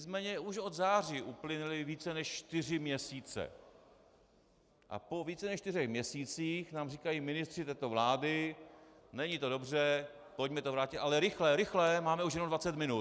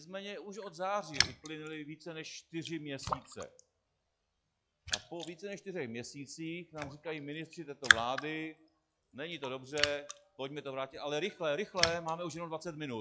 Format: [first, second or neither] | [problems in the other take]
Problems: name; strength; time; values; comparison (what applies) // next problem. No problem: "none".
first | noise reduction (classical method log-MMSE)